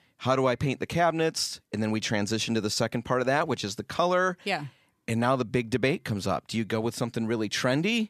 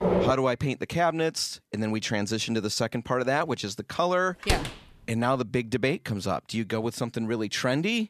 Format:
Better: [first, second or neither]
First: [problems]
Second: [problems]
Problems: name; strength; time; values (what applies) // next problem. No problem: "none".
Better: first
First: none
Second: footsteps; loud; at the start; peak 3 dB above the speech // door banging; noticeable; at 4.5 s; peak 2 dB below the speech